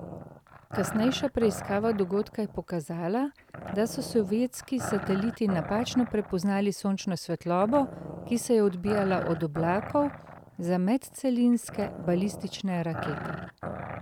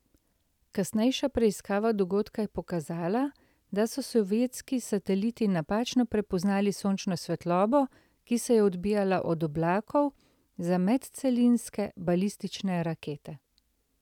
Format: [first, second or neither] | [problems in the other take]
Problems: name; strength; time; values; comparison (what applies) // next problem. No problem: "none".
second | background sound (Growling); 11 dB below the speech